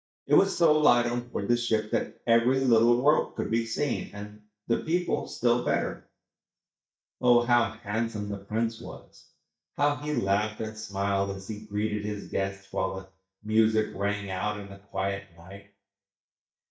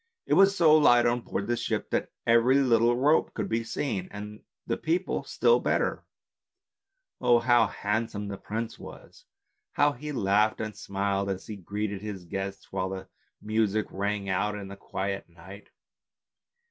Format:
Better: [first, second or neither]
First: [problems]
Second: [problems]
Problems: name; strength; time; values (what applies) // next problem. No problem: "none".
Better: second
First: noise reduction (neural mask model DeepFilterNet 3)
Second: none